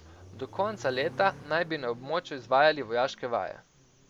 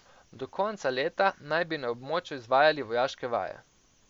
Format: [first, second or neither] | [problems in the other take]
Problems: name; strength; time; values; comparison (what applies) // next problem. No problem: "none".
second | background sound (Accelerating, revving, vroom); 20 dB below the speech